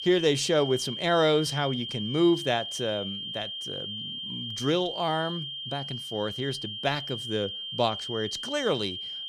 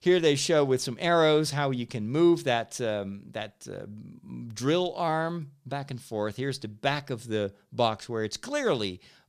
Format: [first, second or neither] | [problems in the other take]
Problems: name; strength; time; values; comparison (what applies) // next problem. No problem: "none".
second | high-pitched whine; loud; throughout; 3 kHz, 5 dB below the speech